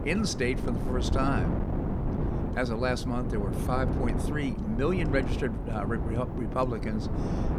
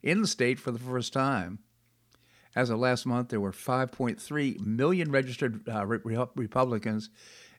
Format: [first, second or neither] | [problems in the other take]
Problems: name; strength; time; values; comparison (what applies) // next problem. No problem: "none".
second | wind noise on the microphone; heavy; 5 dB below the speech